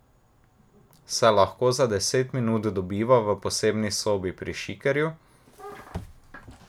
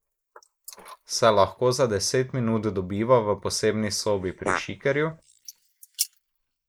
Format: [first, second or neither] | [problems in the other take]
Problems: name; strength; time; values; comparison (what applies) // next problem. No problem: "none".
first | noise reduction (neural mask model Resemble Enhance denoiser)